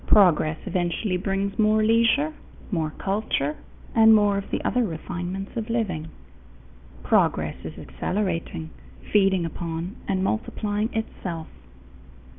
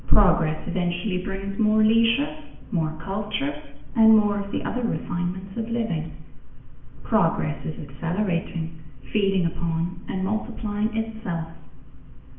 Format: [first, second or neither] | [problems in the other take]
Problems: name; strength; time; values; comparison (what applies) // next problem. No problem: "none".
first | room echo; dies away in 0.8 s